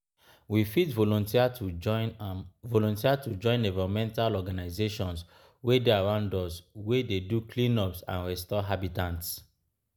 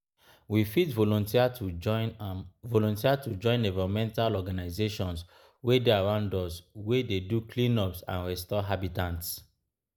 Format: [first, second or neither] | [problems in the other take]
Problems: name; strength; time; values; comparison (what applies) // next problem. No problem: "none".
first | noise reduction (neural mask model Resemble Enhance denoiser)